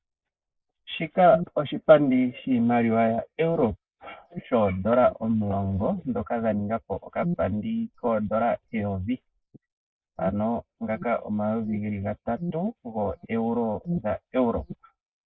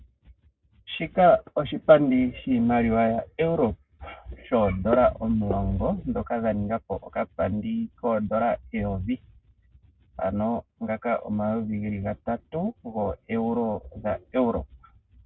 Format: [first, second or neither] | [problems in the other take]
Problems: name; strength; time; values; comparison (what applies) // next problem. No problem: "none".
second | noise reduction (neural mask model Resemble Enhance denoiser)